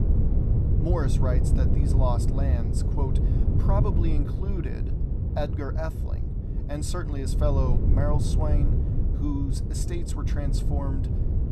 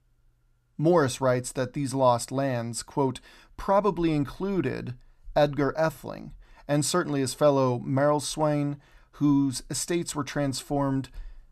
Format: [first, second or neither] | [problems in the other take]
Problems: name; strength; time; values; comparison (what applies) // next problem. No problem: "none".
second | wind noise on the microphone; heavy; 4 dB below the speech